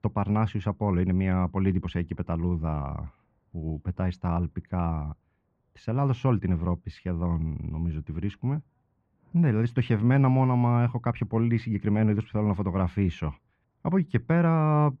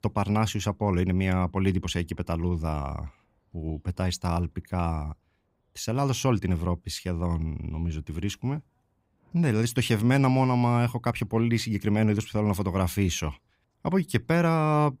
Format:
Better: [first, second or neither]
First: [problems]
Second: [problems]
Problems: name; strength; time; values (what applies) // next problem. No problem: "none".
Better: second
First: muffled; very; fading above 1.5 kHz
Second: none